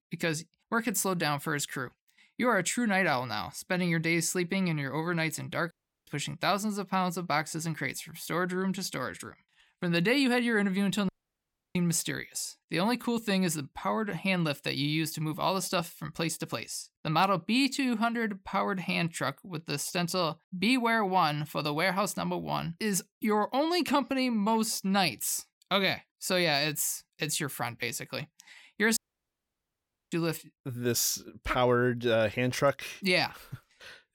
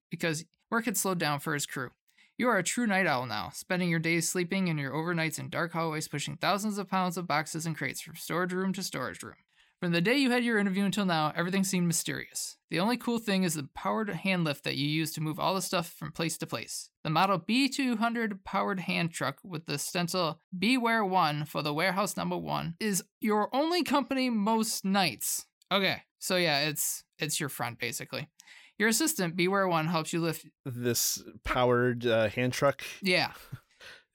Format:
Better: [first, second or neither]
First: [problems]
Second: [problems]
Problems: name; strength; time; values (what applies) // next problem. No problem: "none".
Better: second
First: audio cutting out; at 5.5 s, at 11 s for 0.5 s and at 29 s for 1 s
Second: none